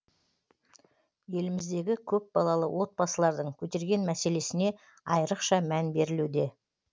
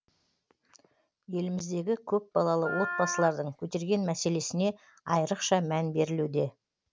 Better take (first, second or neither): first